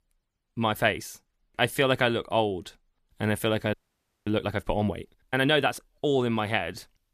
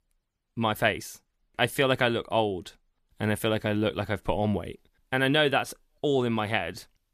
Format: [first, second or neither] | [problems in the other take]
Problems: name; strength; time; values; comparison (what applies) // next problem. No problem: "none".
second | audio freezing; at 3.5 s for 0.5 s